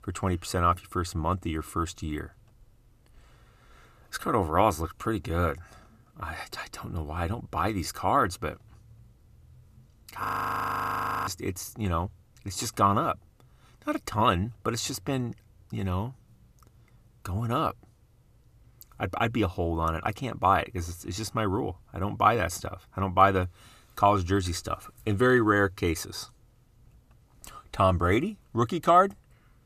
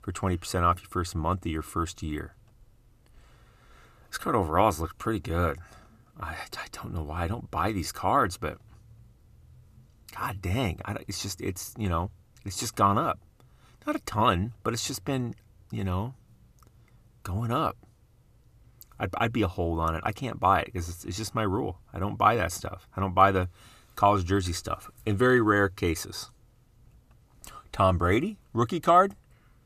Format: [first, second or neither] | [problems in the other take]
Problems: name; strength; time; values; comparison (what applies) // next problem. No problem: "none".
second | audio freezing; at 10 s for 1 s